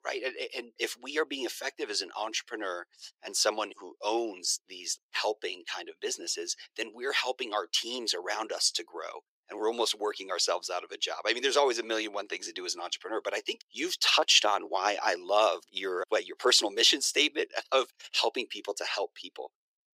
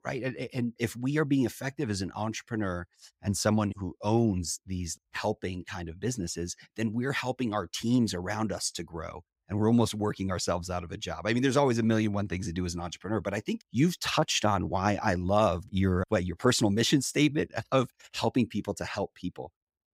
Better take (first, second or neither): second